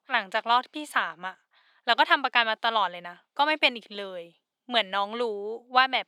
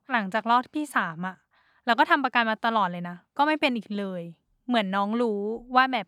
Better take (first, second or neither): second